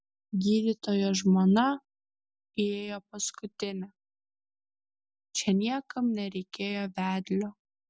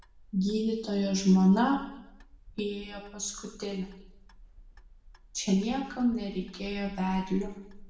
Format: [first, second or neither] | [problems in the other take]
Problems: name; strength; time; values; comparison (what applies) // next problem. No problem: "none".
first | background sound (Clock); 19 dB below the speech // room echo; dies away in 0.8 s